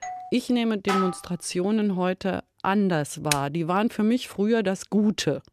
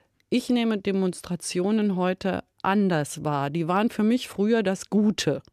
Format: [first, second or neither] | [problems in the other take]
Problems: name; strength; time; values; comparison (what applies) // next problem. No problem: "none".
second | doorbell; faint; at the start; peak 10 dB below the speech // clattering dishes; noticeable; at 1 s; peak 3 dB below the speech // keyboard typing; very faint; at 3.5 s; peak 3 dB below the speech